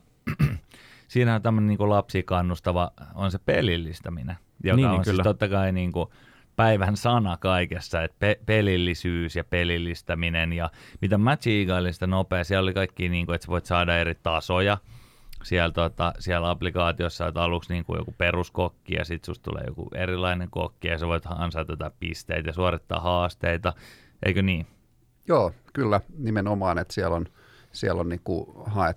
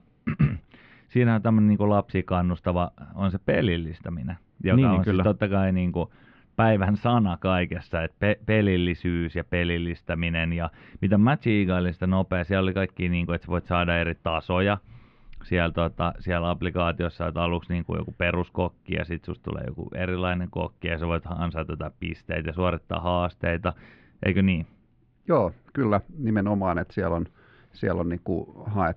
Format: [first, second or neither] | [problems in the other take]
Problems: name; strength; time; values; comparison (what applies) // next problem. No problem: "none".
first | muffled; very; fading above 3 kHz